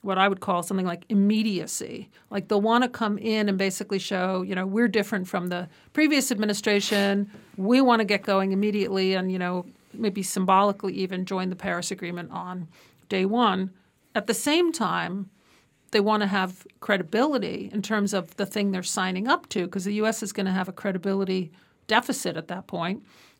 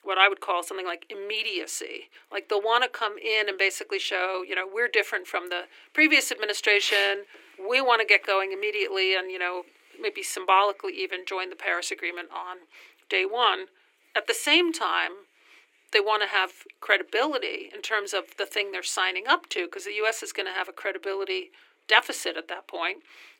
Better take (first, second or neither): first